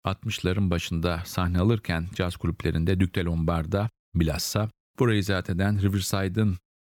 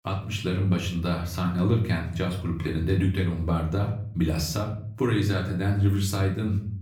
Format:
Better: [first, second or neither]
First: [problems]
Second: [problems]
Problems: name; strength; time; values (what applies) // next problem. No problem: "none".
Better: first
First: none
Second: room echo; slight; dies away in 0.5 s // off-mic speech; far